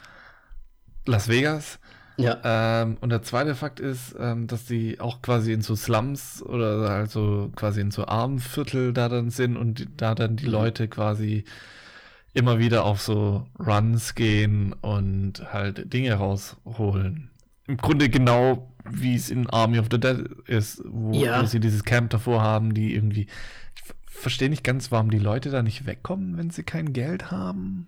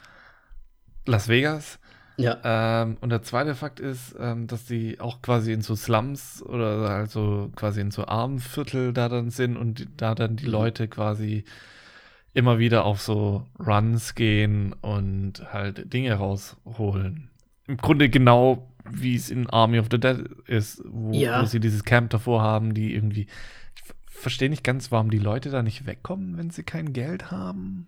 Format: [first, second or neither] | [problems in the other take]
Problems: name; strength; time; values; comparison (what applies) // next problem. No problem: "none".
second | distortion; slight; 10 dB below the speech